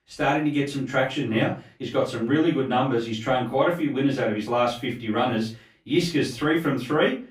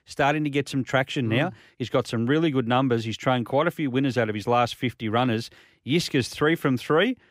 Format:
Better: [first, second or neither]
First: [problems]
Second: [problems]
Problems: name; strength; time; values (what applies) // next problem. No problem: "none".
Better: second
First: off-mic speech; far // room echo; slight; dies away in 0.3 s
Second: none